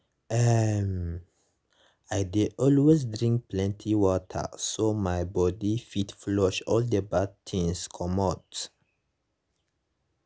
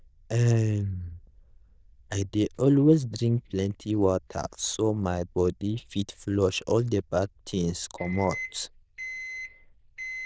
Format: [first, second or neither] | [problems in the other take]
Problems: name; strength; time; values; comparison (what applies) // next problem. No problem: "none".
first | noise reduction (neural diffusion model UNIVERSE++)